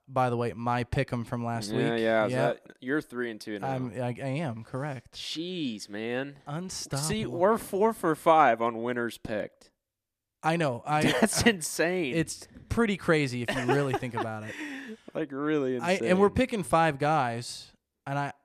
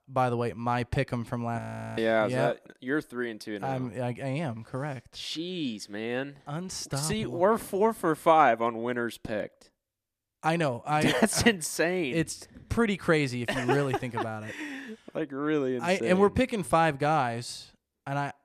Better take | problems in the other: first | audio freezing; at 1.5 s

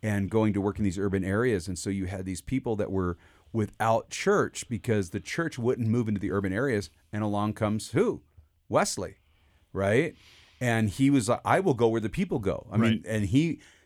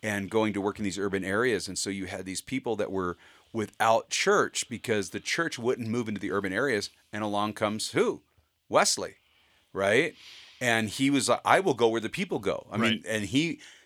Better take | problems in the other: first | thin; very slightly; fading below 850 Hz

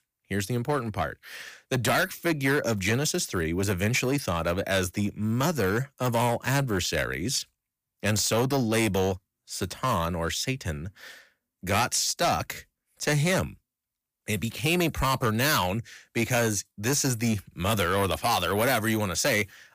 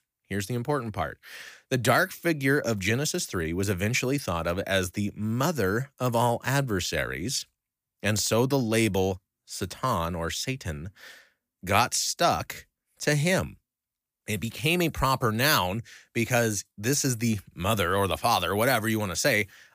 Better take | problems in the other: second | distortion; slight; 7% of the sound clipped

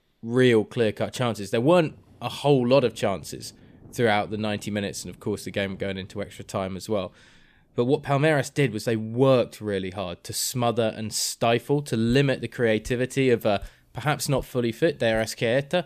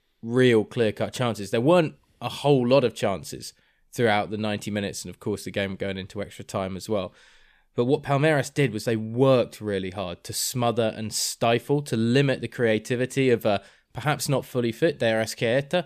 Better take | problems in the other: second | rain or running water; faint; throughout; 25 dB below the speech

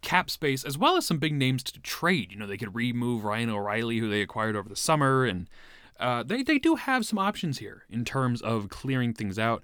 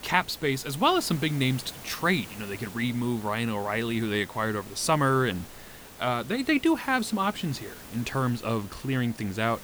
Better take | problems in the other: first | hiss; noticeable; throughout; 15 dB below the speech

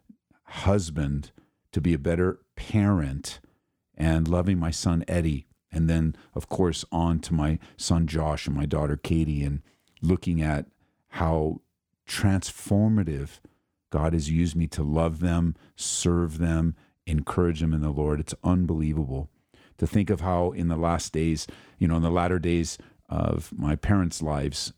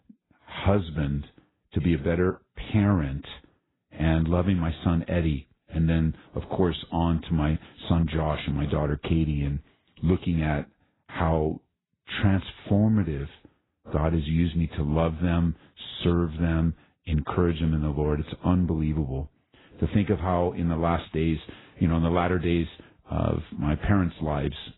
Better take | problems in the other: first | garbled, watery; badly; nothing above 4 kHz

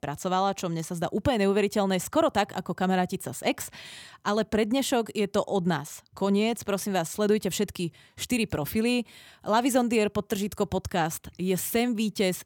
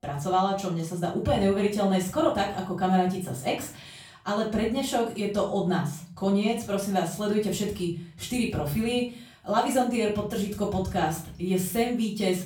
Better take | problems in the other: first | off-mic speech; far // room echo; slight; dies away in 0.4 s

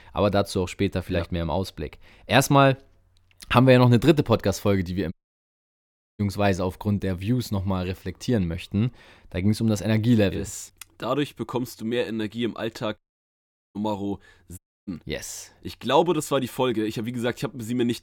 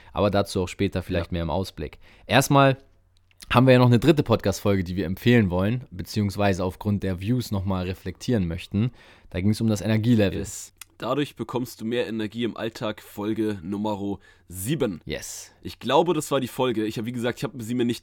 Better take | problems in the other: second | audio cutting out; at 5 s for 1 s, at 13 s for 1 s and at 15 s

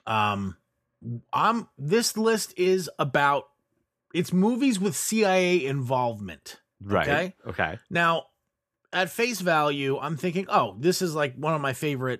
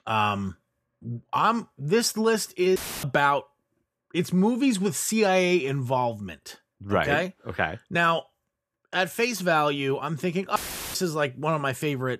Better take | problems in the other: first | audio cutting out; filled with static; at 3 s and at 11 s

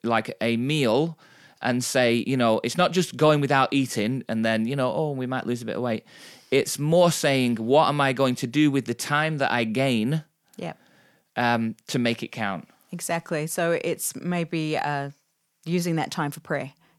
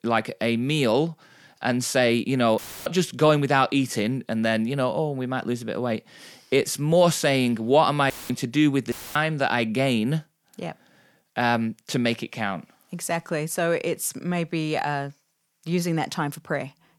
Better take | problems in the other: first | audio cutting out; filled with static; at 2.5 s, at 8 s and at 9 s

